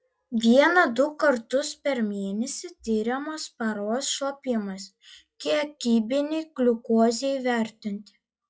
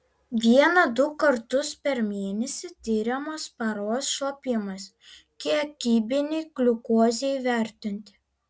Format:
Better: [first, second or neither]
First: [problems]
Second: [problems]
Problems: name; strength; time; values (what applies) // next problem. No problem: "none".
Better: second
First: noise reduction (classical method log-MMSE)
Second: none